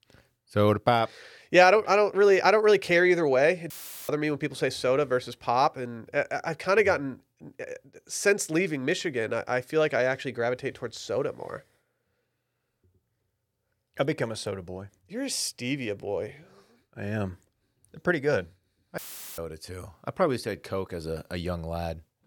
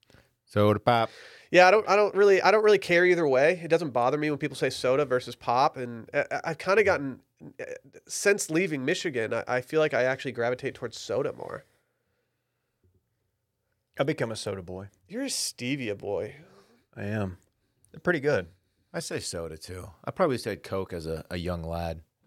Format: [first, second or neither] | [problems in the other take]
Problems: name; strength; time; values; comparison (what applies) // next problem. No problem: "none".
second | audio cutting out; filled with static; at 3.5 s and at 19 s